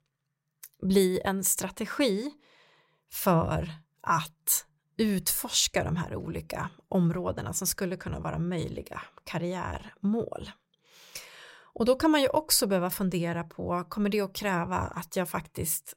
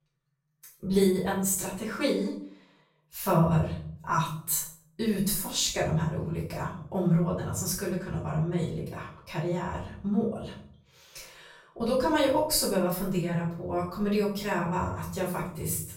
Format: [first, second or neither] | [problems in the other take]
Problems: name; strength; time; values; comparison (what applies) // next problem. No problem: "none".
first | off-mic speech; far // room echo; noticeable; dies away in 0.5 s